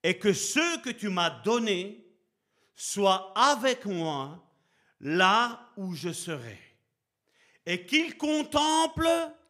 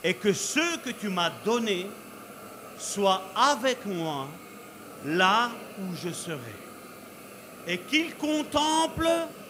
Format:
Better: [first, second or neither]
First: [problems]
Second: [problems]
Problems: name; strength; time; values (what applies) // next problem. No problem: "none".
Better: first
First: none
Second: hiss; noticeable; throughout; 15 dB below the speech